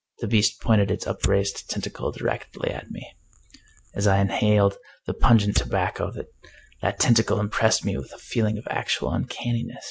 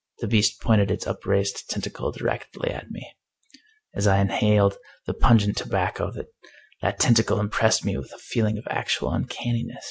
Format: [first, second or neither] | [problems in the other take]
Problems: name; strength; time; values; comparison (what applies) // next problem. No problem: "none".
second | background sound (Fire); 13 dB below the speech